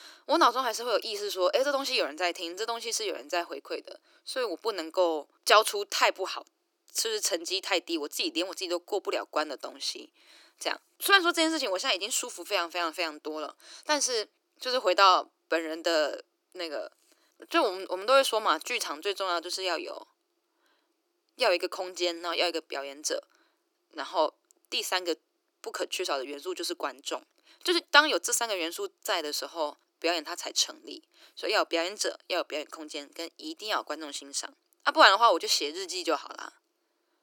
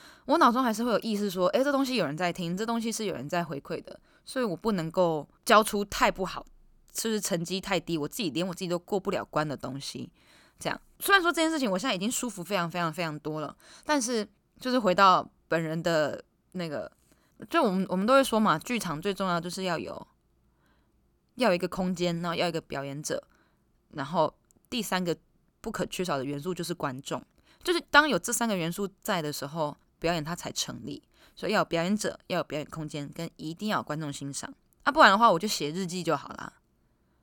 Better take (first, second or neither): second